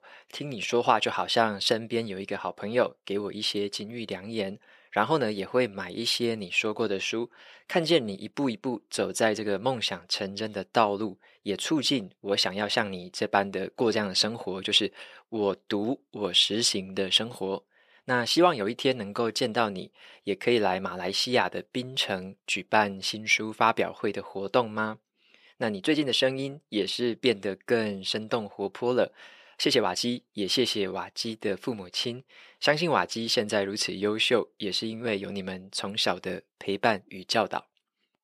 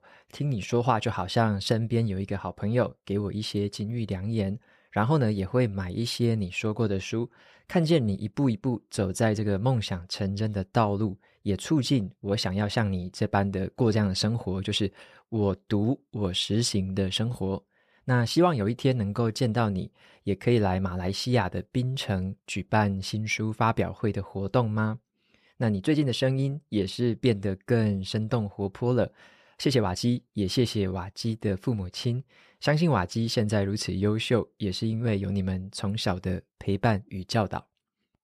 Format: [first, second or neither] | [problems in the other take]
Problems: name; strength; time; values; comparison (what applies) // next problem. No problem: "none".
second | thin; somewhat; fading below 350 Hz